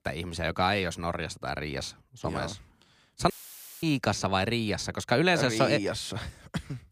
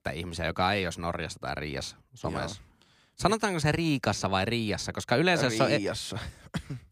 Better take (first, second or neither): second